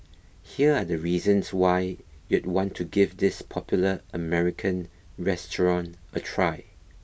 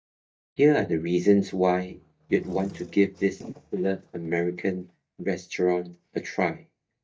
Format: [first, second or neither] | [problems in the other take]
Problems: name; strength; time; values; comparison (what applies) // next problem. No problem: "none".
first | noise reduction (neural mask model DeepFilterNet 3)